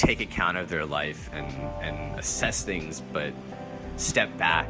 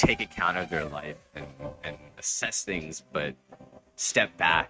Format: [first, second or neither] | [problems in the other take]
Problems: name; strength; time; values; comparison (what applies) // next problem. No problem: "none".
first | noise reduction (neural mask model RNNoise)